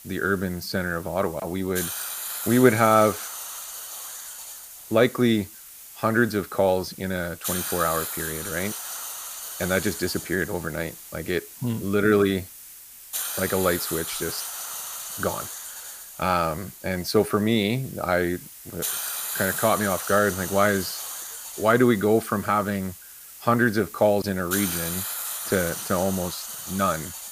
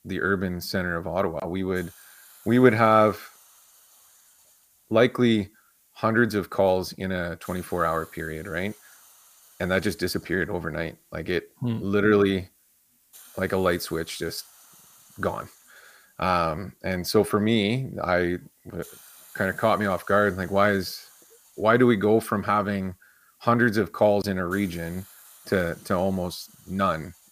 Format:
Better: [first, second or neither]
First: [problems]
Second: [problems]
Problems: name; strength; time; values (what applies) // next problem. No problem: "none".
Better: second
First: hiss; loud; throughout; 8 dB below the speech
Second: hiss; faint; throughout; 25 dB below the speech